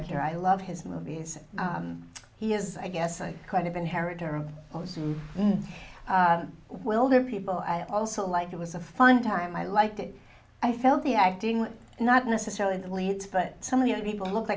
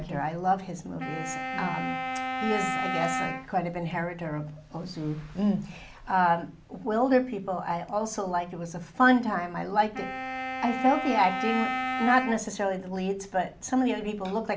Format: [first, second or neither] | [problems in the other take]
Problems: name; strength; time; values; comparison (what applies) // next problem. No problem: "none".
first | background sound (Wind instrument, woodwind instrument); 5 dB below the speech